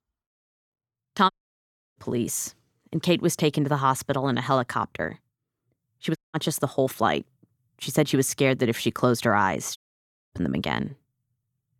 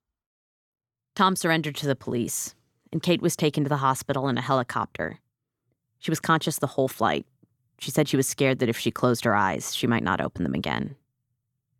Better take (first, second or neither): second